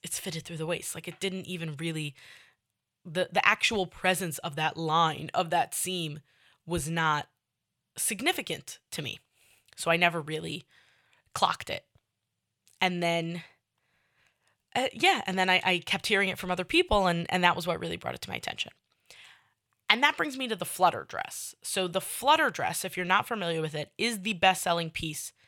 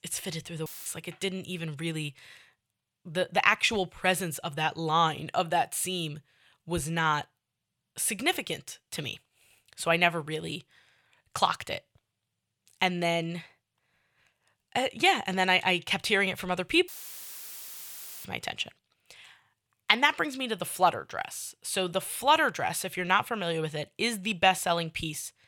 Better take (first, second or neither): first